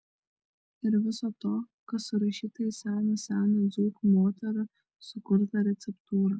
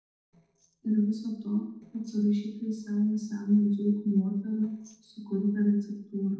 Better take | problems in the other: first | noise reduction (neural separator model SepFormer DNS4)

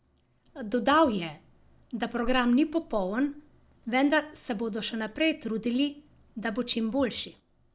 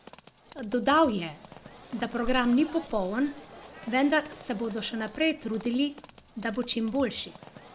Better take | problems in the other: first | background sound (Livestock, farm animals, working animals); 20 dB below the speech

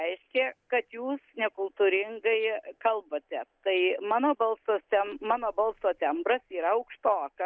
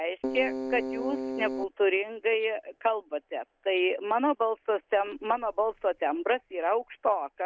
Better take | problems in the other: first | background sound (Keyboard (musical)); 4 dB below the speech

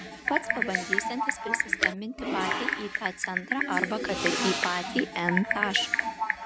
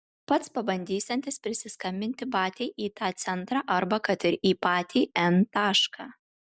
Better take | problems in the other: second | background sound (Typing); 2 dB above the speech

